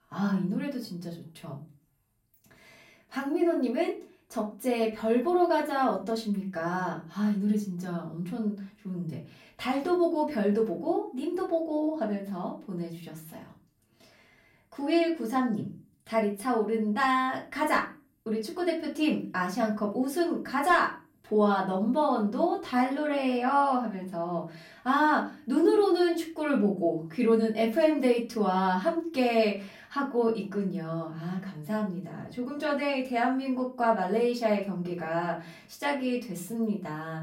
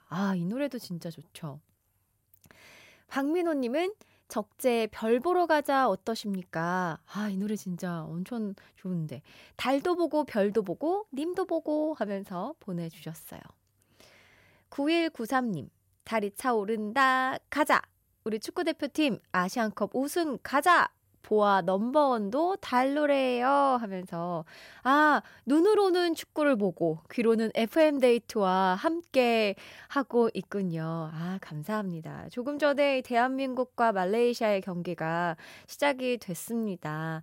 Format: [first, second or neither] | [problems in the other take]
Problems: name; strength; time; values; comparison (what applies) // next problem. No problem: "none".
second | off-mic speech; far // room echo; very slight; dies away in 0.3 s